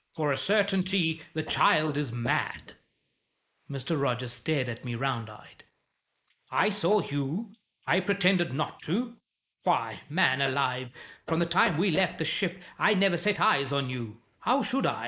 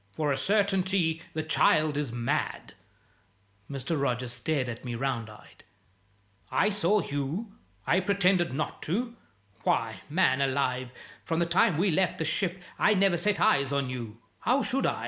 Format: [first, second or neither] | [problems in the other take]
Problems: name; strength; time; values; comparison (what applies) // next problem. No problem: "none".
second | noise reduction (neural mask model Resemble Enhance denoiser)